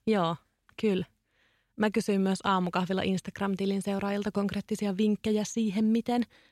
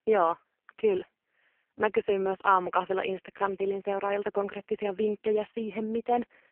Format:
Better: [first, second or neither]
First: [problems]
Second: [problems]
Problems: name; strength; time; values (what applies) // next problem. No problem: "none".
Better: first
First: none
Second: phone-call audio; poor line